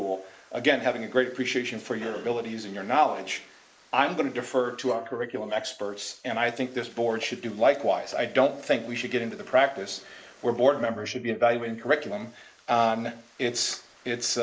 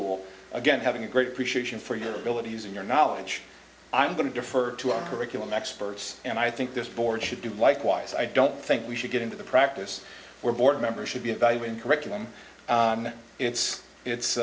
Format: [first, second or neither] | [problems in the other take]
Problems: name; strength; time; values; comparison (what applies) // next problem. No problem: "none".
second | noise reduction (neural mask model Resemble Enhance denoiser)